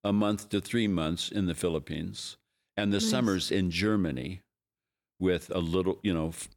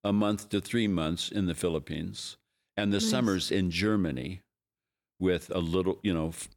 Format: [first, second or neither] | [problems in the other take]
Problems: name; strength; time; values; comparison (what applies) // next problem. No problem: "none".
neither | none